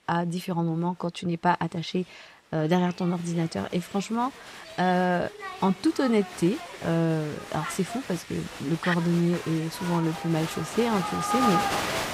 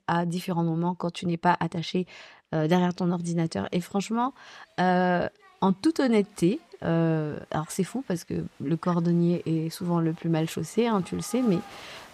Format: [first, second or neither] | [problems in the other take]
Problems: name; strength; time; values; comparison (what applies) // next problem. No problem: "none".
second | crowd noise; loud; throughout; 6 dB below the speech; faint in the second